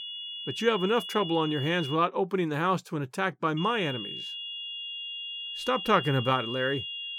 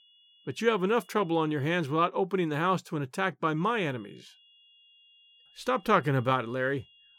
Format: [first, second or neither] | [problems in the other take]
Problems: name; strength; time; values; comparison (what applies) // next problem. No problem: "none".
second | high-pitched whine; loud; until 2 s and from 3.5 s on; 3 kHz, 7 dB below the speech; faint in the second